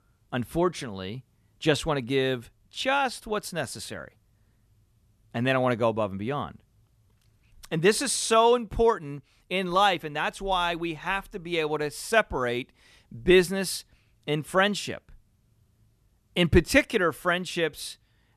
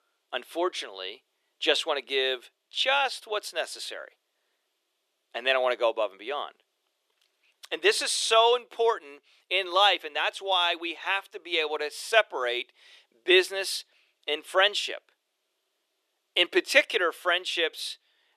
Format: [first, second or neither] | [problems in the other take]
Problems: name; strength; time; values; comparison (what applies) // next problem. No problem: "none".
first | thin; very; fading below 350 Hz